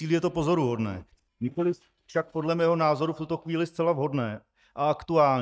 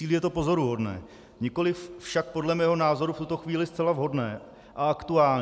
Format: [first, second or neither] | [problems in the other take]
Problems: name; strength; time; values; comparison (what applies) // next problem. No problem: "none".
second | noise reduction (neural mask model DeepFilterNet 3)